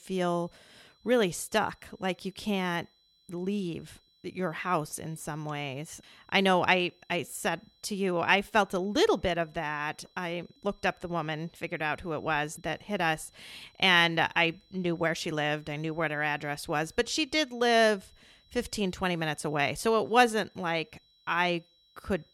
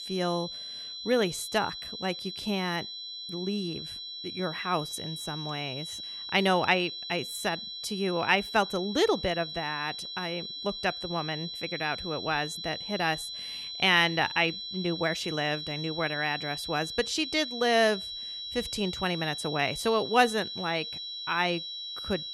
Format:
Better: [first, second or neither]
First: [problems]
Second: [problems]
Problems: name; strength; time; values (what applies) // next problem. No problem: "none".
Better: first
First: high-pitched whine; faint; throughout; 4 kHz, 35 dB below the speech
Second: high-pitched whine; loud; throughout; 4 kHz, 7 dB below the speech